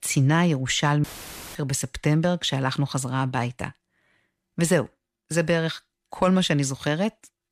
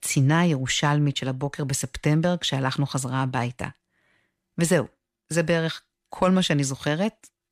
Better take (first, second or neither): second